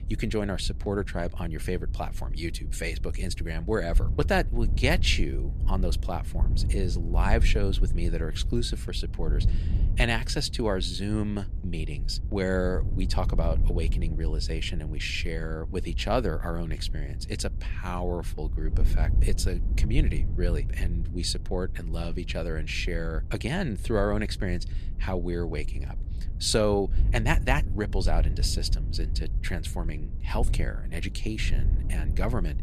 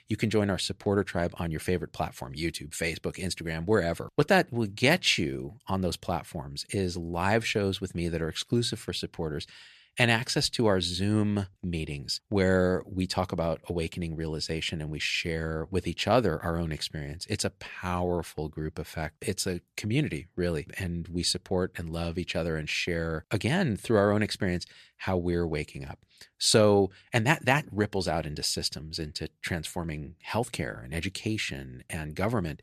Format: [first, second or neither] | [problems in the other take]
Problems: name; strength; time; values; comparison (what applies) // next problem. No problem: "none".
second | wind noise on the microphone; occasional gusts; 15 dB below the speech